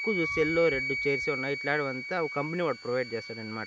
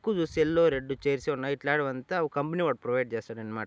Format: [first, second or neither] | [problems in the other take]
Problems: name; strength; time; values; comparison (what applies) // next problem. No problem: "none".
second | background sound (Wind instrument, woodwind instrument); 5 dB below the speech